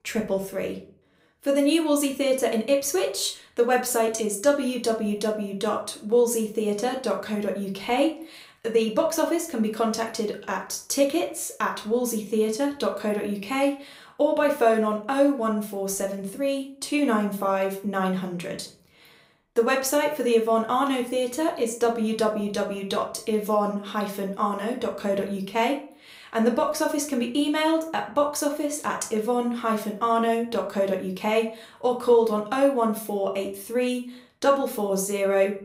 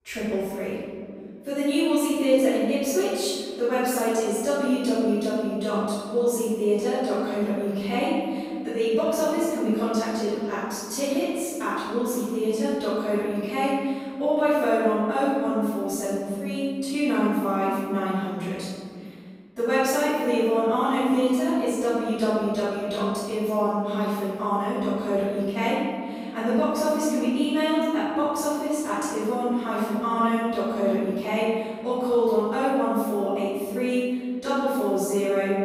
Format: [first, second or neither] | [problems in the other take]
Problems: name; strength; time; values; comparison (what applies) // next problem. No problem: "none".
first | room echo; strong; dies away in 2.2 s; slight in the first // off-mic speech; far; somewhat distant in the first